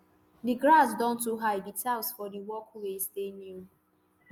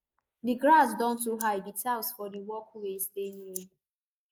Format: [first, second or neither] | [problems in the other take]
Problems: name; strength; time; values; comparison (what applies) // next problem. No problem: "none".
first | noise reduction (neural mask model Resemble Enhance denoiser)